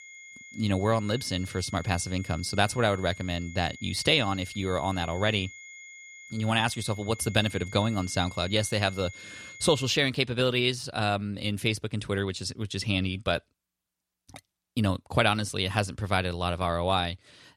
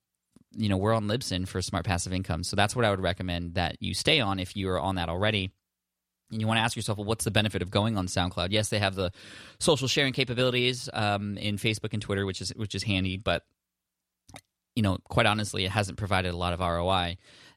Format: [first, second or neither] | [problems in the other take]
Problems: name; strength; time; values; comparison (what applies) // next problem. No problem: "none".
second | high-pitched whine; noticeable; until 10 s; 2 kHz, 15 dB below the speech